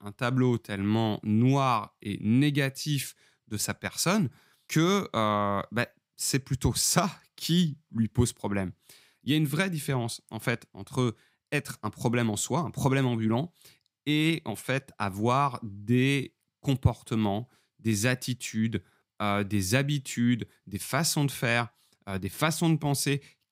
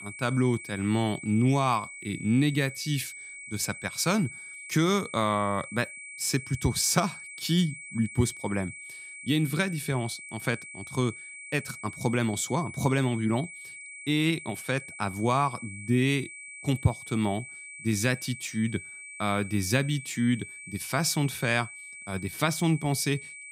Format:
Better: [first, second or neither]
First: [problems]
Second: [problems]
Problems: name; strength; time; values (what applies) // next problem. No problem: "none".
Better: first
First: none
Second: high-pitched whine; noticeable; throughout; 2.5 kHz, 10 dB below the speech